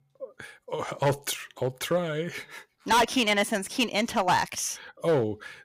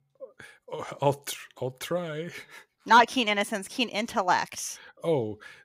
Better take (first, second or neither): second